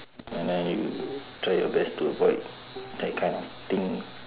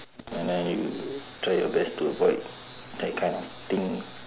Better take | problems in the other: second | background sound (Bowed string instrument); 20 dB below the speech

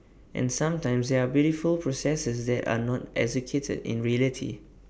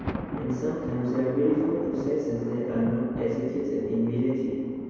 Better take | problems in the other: first | background sound (Thunder); 11 dB below the speech // room echo; dies away in 2.2 s

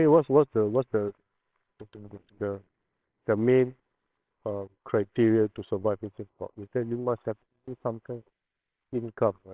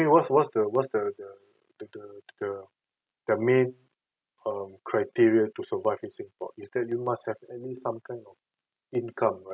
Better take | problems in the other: second | noise reduction (neural separator model SepFormer WHAMR!)

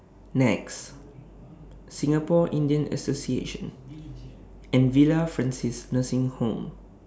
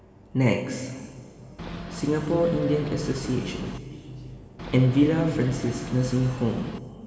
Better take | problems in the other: first | background sound (Boat, Water vehicle); 11 dB below the speech // room echo; dies away in 2.2 s

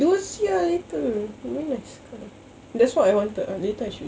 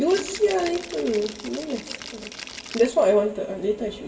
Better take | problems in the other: first | background sound (Rattle (instrument)); 15 dB below the speech // room echo; dies away in 2.1 s

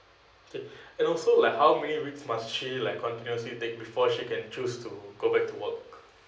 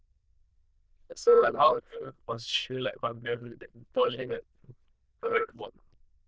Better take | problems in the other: first | noise reduction (neural diffusion model UNIVERSE++)

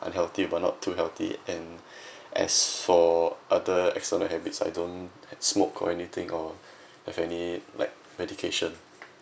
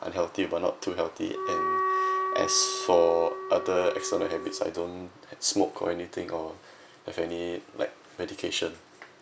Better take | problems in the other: first | background sound (Wind instrument, woodwind instrument); 2 dB below the speech

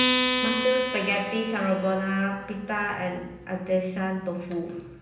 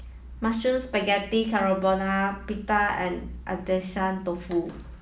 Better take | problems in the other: second | background sound (Acoustic guitar); 3 dB below the speech // room echo; dies away in 0.9 s

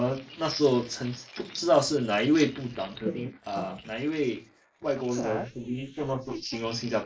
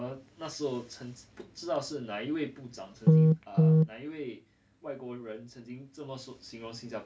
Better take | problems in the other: second | noise reduction (neural mask model Resemble Enhance denoiser)

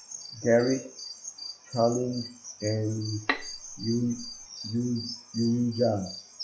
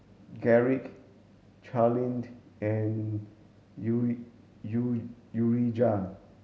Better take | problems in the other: second | noise reduction (classical method log-MMSE)

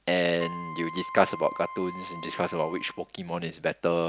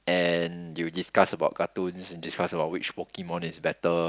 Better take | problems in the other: second | background sound (Wind instrument, woodwind instrument); 12 dB below the speech

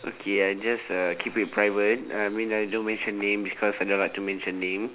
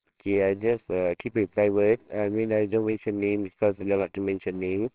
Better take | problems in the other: first | noise reduction (neural separator model SepFormer WHAMR!)

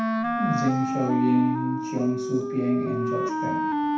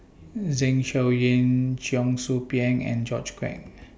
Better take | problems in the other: second | background sound (Wind instrument, woodwind instrument); 1 dB below the speech // room echo; dies away in 0.7 s

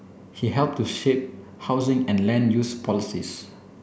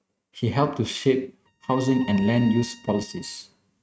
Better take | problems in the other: first | noise reduction (neural mask model RNNoise)

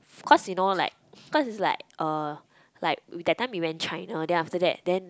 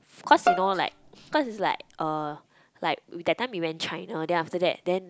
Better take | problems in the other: first | background sound (Bowed string instrument); 4 dB below the speech

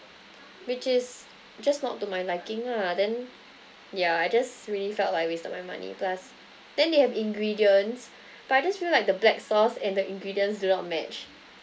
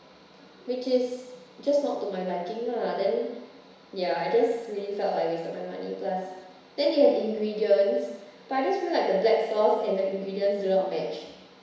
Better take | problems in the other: first | room echo; dies away in 1 s

